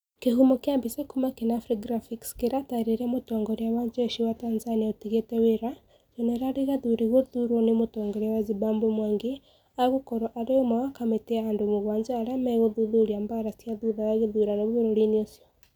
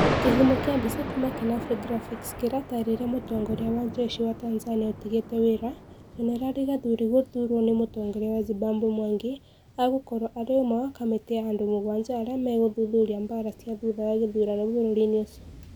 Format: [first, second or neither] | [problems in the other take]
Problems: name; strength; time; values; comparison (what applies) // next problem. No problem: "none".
first | background sound (Thunder); 9 dB below the speech